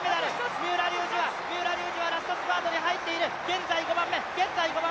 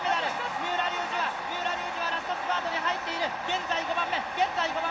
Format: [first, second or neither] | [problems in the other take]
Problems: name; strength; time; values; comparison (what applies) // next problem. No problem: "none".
first | room echo; dies away in 0.6 s